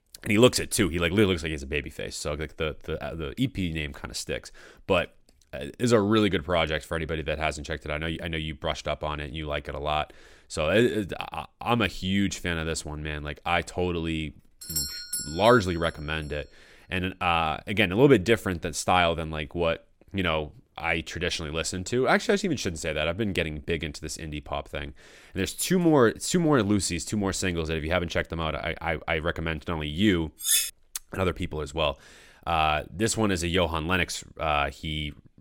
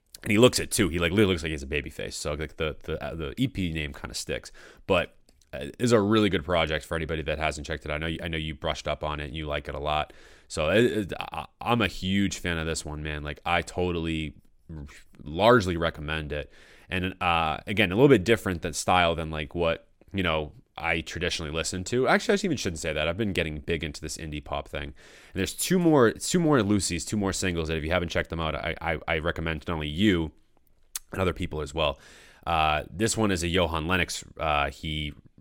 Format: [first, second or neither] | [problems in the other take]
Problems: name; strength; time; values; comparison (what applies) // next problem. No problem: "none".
second | doorbell; noticeable; at 15 s; peak 2 dB below the speech // clattering dishes; loud; at 30 s; peak 4 dB above the speech